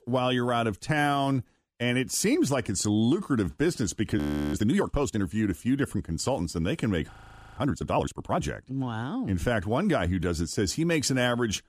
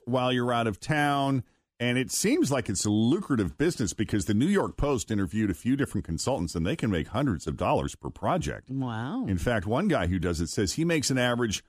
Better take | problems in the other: second | audio freezing; at 4 s and at 7 s

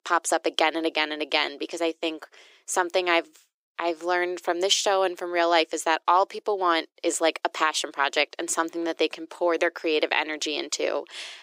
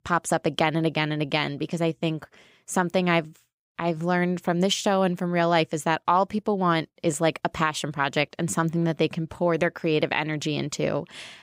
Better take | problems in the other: second | thin; very; fading below 350 Hz

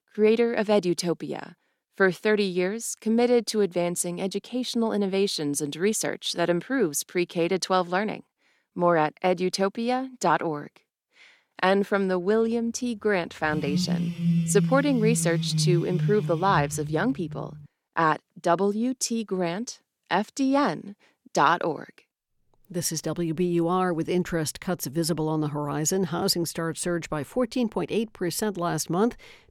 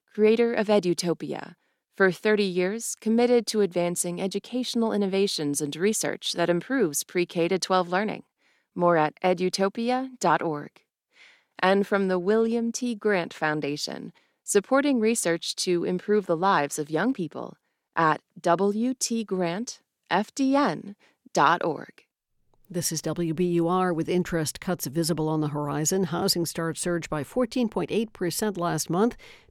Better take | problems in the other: second | phone ringing; loud; from 13 to 17 s; peak 1 dB above the speech

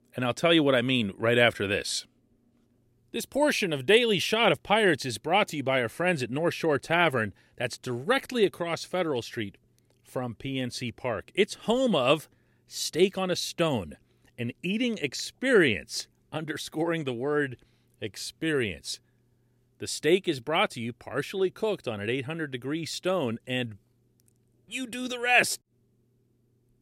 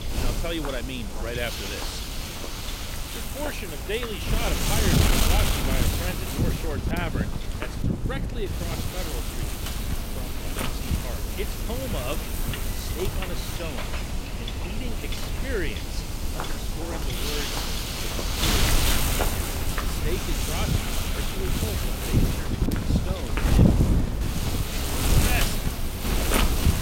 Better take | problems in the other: first | wind noise on the microphone; heavy; 5 dB above the speech

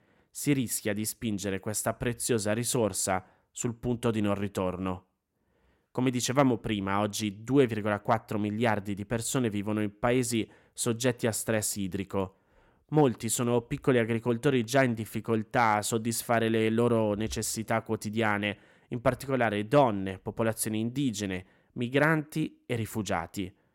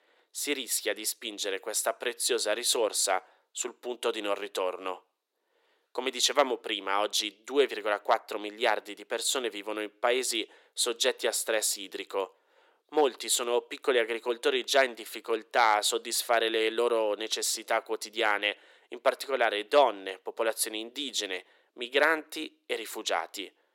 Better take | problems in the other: first | thin; very; fading below 350 Hz

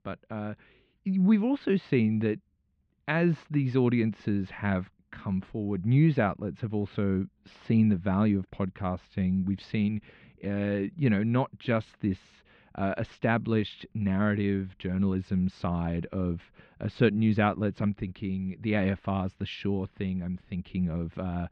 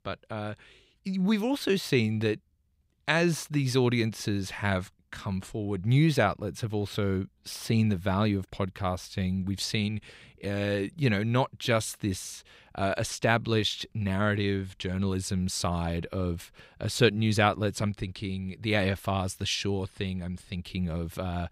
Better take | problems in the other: second | muffled; very; fading above 2.5 kHz

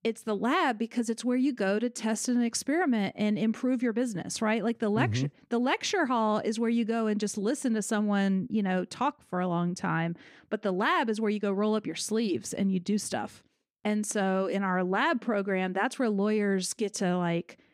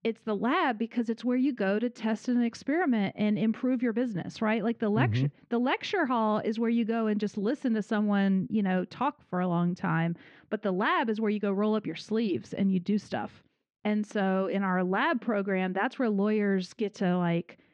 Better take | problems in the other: first | muffled; slightly; fading above 3.5 kHz

